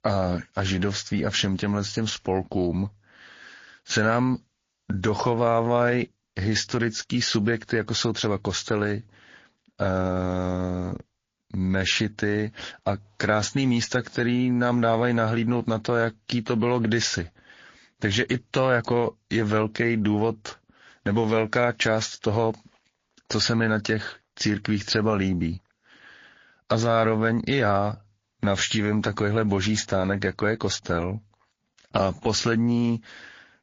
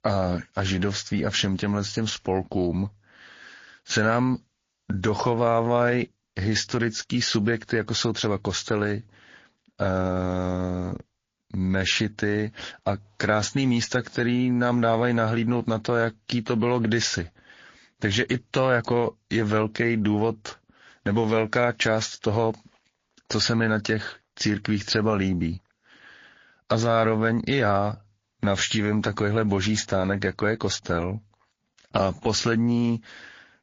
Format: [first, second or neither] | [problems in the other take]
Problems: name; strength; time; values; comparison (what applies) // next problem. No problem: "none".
neither | garbled, watery; slightly; nothing above 6 kHz; the same in both